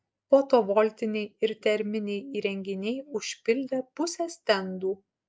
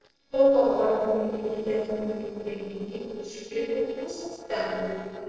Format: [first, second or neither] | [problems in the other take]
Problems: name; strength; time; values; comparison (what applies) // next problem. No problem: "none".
first | noise reduction (neural separator model SepFormer DNS4)